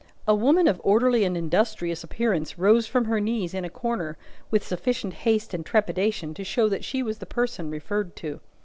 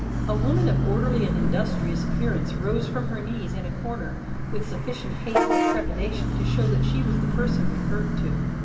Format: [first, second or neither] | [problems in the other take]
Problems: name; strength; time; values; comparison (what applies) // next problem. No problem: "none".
first | background sound (Bus / Vehicle horn, car horn, honking); 5 dB above the speech // room echo; dies away in 2.3 s